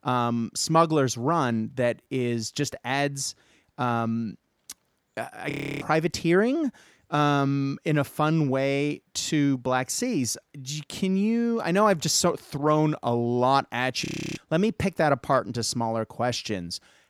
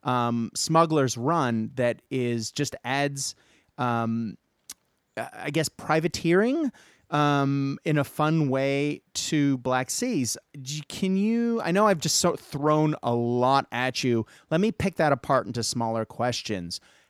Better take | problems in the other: second | audio freezing; at 5.5 s and at 14 s

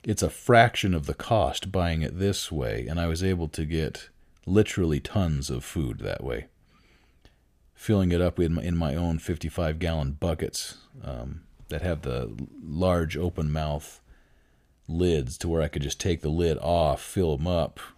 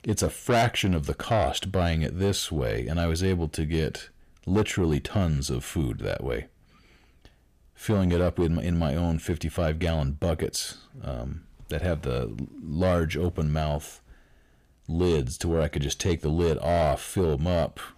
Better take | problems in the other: first | distortion; slight; 10 dB below the speech

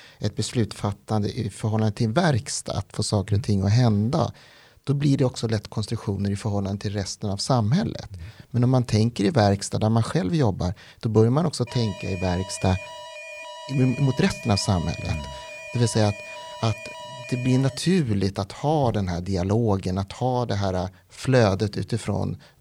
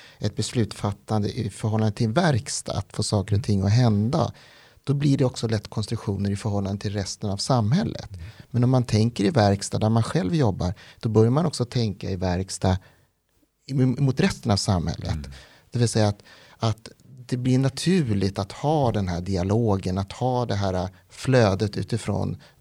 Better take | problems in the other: second | alarm; faint; from 12 to 18 s; peak 10 dB below the speech

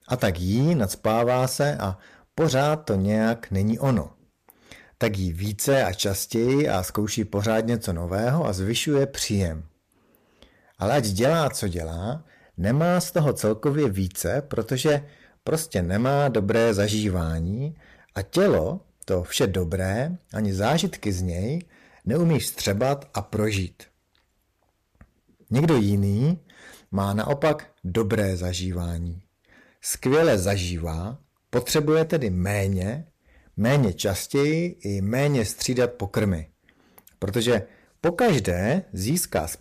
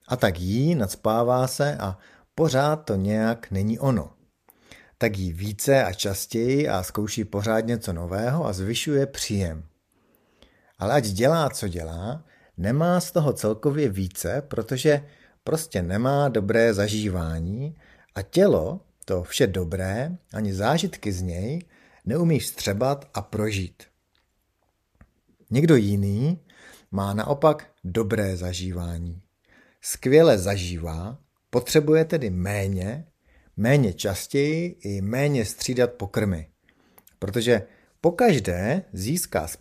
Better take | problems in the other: second | distortion; slight; 6% of the sound clipped

